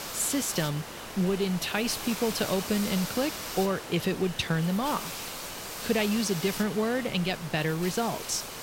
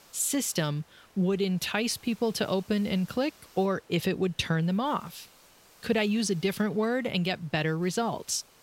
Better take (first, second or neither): second